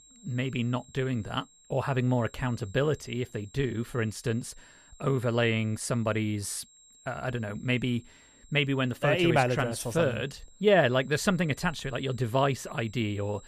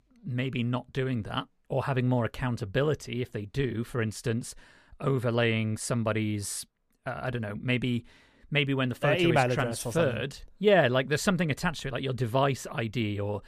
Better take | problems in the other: second | high-pitched whine; faint; throughout; 7.5 kHz, 25 dB below the speech

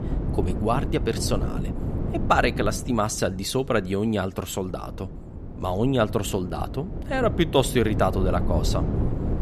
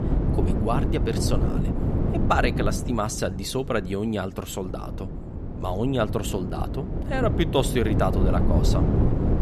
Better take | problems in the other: first | wind noise on the microphone; heavy; 6 dB below the speech; occasional gusts in the first

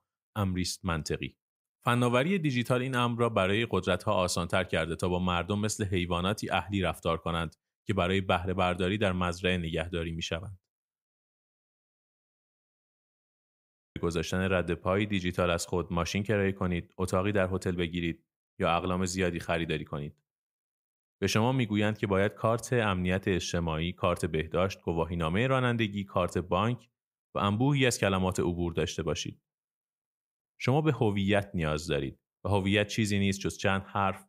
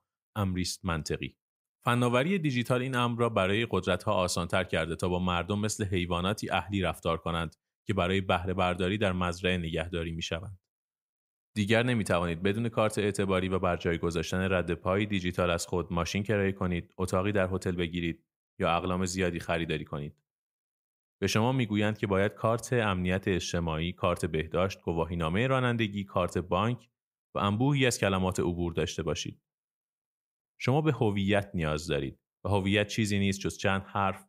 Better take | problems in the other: second | audio freezing; at 11 s for 3 s

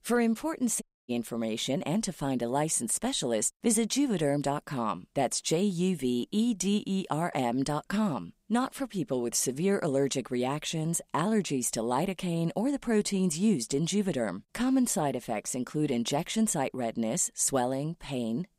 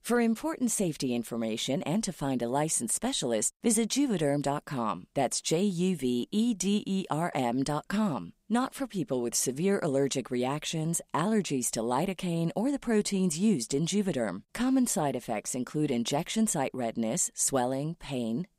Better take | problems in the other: second | audio cutting out; at 1 s

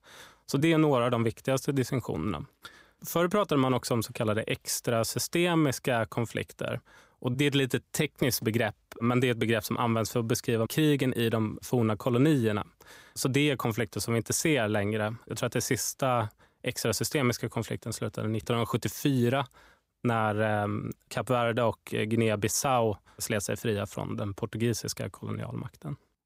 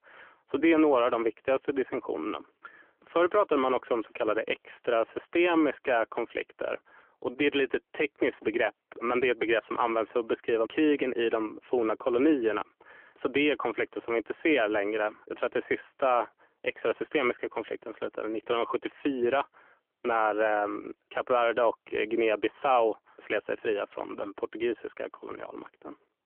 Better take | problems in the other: first | phone-call audio; nothing above 3 kHz

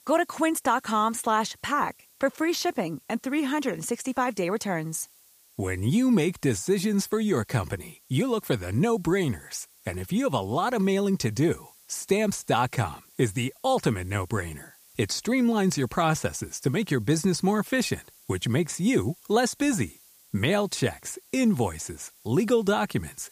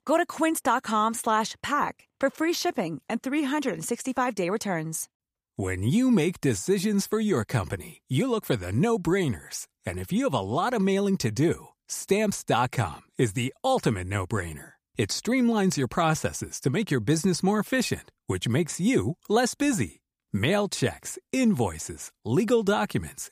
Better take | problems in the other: second | hiss; faint; throughout; 25 dB below the speech

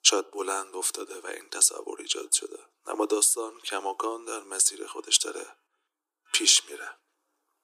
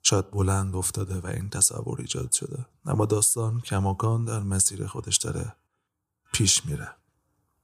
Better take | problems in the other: second | thin; very; fading below 300 Hz

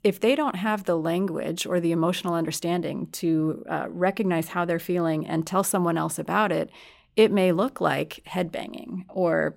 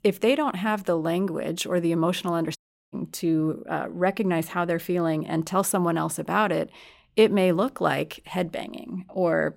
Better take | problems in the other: first | audio cutting out; at 2.5 s

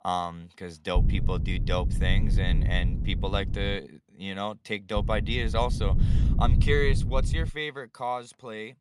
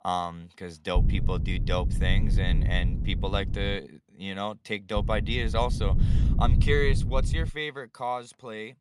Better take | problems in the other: neither | low rumble; noticeable; from 1 to 4 s and from 5 to 7.5 s; 10 dB below the speech; the same in both

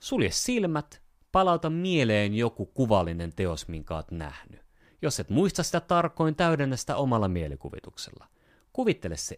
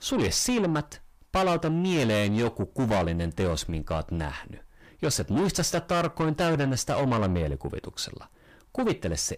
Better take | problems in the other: first | distortion; heavy; 6 dB below the speech

